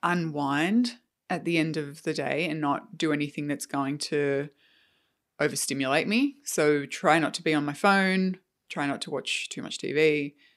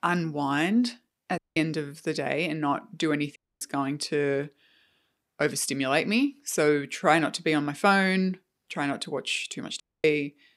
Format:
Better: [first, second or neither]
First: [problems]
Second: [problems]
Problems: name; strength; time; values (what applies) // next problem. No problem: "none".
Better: first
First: none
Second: audio cutting out; at 1.5 s, at 3.5 s and at 10 s